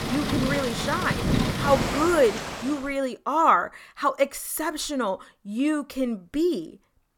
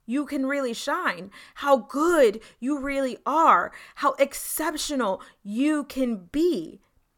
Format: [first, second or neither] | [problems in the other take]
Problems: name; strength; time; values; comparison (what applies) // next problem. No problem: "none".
second | rain or running water; loud; until 2.5 s; 2 dB below the speech